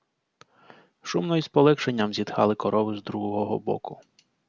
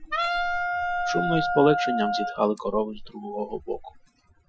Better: first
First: none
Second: noise reduction (classical method Wiener filter)

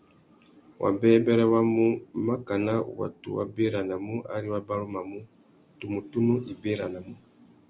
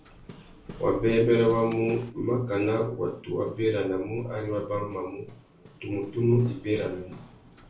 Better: first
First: none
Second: background sound (Hammer); 19 dB below the speech // room echo; dies away in 0.3 s

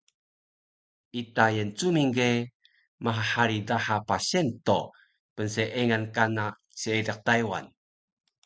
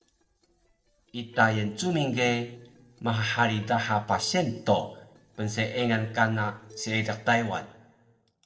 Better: first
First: none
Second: noise reduction (neural separator model SepFormer DNS4)

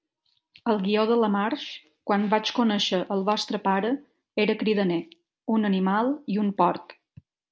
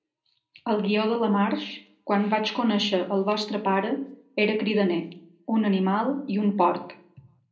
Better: first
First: none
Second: room echo; dies away in 0.5 s

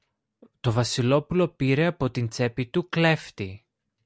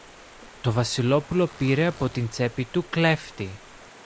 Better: first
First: none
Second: background sound (Zipper (clothing) + Stream); 20 dB below the speech

